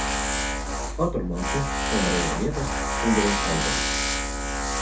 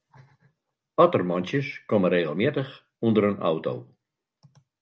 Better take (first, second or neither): second